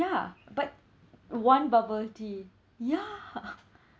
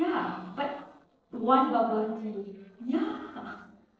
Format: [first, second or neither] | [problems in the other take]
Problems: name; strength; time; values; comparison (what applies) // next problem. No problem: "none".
first | noise reduction (neural separator model SepFormer DNS4)